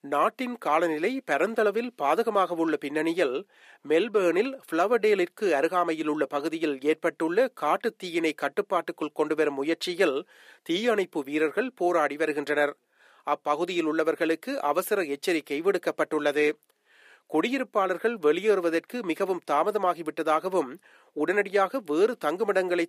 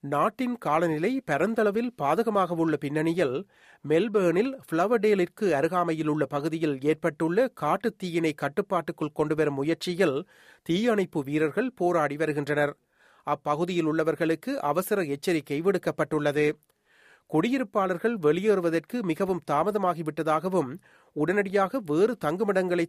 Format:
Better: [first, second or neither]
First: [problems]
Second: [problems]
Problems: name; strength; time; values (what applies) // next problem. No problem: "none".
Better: second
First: thin; very slightly; fading below 300 Hz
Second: none